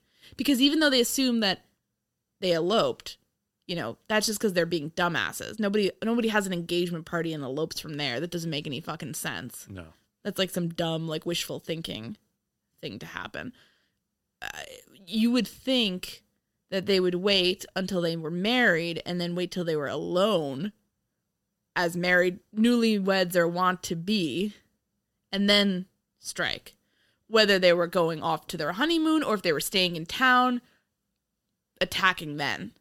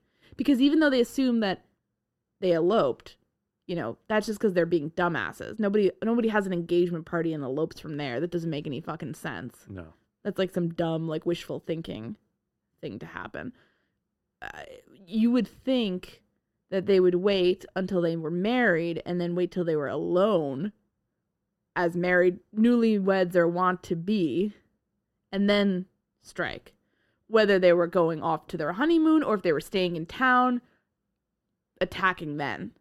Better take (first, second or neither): first